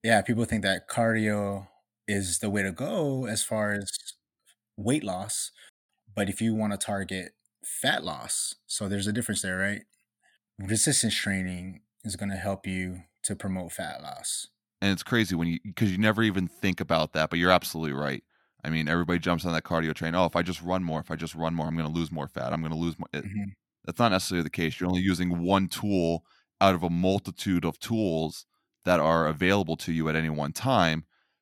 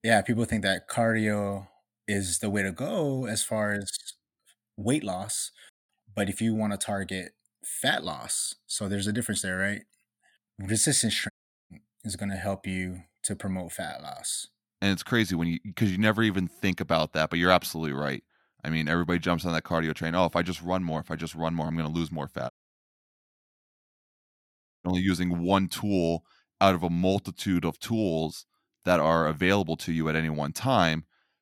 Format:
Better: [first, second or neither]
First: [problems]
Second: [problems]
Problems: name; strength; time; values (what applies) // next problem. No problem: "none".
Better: first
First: none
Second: audio cutting out; at 11 s and at 23 s for 2.5 s